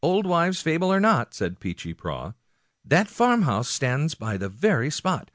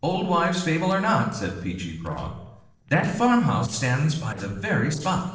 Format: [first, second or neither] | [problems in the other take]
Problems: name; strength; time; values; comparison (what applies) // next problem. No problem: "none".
first | noise reduction (neural separator model SepFormer DNS4)